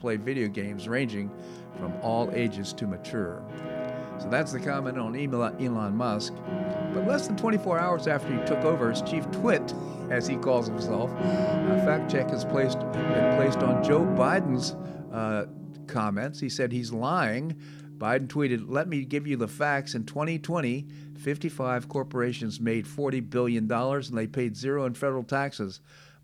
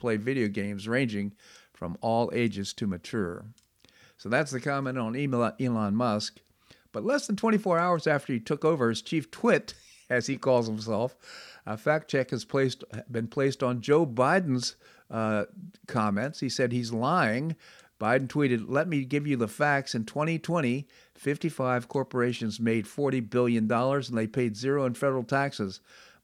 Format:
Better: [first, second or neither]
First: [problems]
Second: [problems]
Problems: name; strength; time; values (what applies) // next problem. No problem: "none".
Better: second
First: background music; loud; throughout; 2 dB below the speech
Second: none